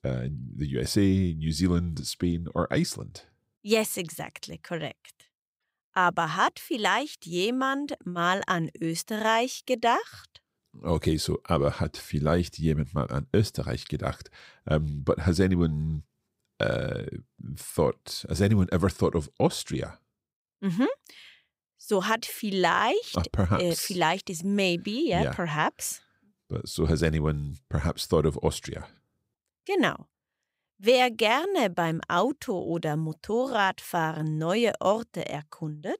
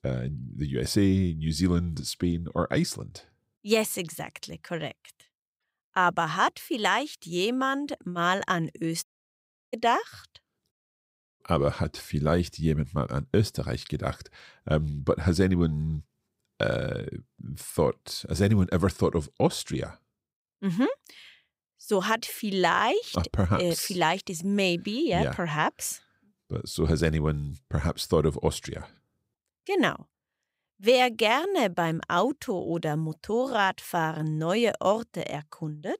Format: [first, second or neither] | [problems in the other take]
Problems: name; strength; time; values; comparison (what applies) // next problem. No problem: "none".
first | audio cutting out; at 9 s for 0.5 s and at 11 s for 0.5 s